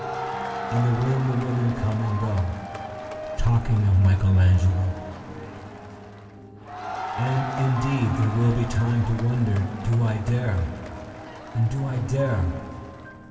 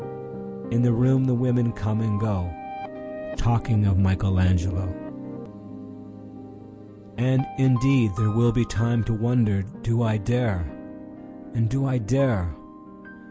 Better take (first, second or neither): second